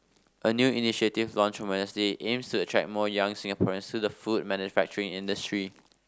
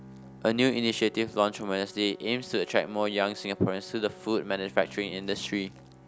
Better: first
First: none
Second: background sound (Bowed string instrument + Brass instrument); 20 dB below the speech

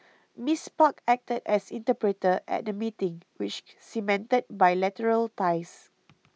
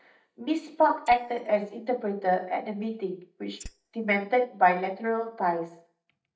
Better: first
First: none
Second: noise reduction (neural mask model DeepFilterNet 3)

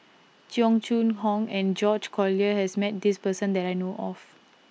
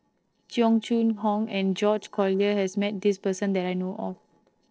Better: first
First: none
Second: noise reduction (neural separator model SepFormer DNS4)

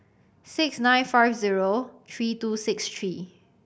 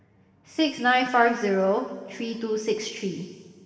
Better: first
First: none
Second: room echo; dies away in 2 s

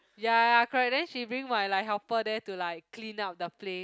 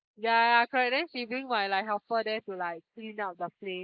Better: first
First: none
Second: noise reduction (neural mask model Resemble Enhance denoiser)

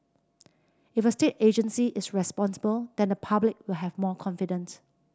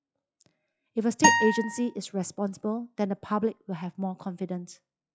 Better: first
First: none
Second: noise reduction (classical method log-MMSE)

